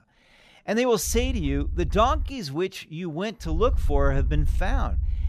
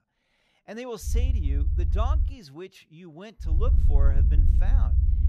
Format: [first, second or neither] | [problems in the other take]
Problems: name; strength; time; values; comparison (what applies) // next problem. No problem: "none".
first | low rumble; loud; from 1 to 2.5 s and from 3.5 s on; 4 dB below the speech; faint in the first